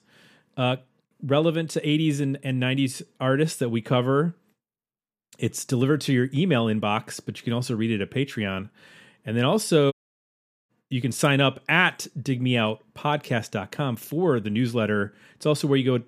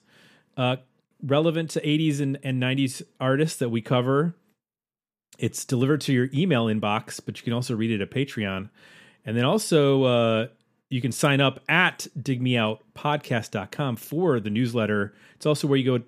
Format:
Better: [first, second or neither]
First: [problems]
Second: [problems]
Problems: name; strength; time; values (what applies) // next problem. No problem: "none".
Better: second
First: audio cutting out; at 10 s for 1 s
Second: none